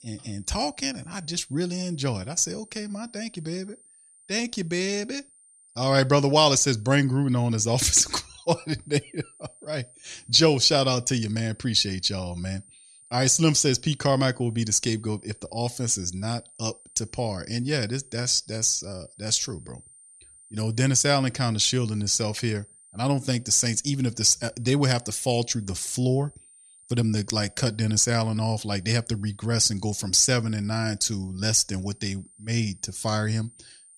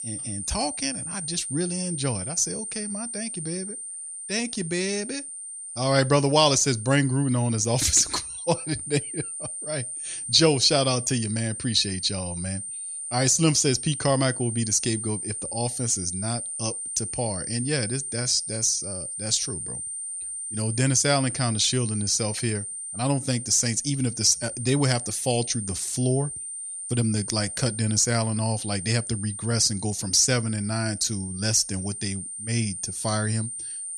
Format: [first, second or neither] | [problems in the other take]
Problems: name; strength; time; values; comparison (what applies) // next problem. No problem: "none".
first | high-pitched whine; loud; throughout; 9 kHz, 7 dB below the speech; faint in the first